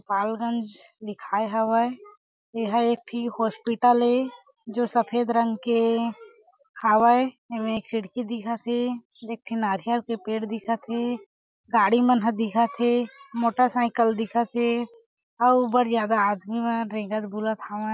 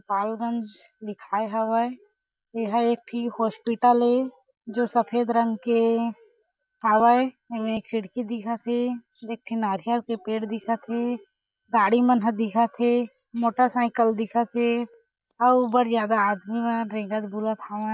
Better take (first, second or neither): first